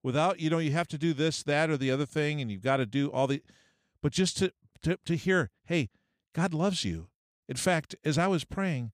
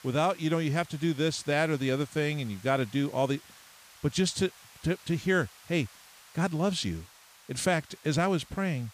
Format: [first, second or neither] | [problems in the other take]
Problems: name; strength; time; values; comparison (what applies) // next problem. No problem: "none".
first | hiss; faint; throughout; 20 dB below the speech